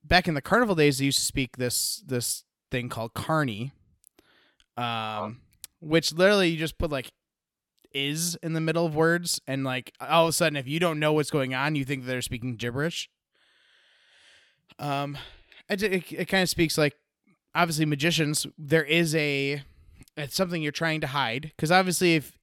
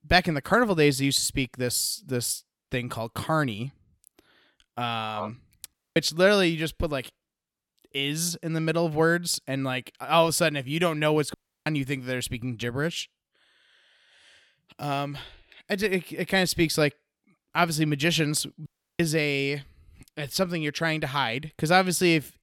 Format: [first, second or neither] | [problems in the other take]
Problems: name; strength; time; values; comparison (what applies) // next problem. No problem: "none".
first | audio cutting out; at 5.5 s, at 11 s and at 19 s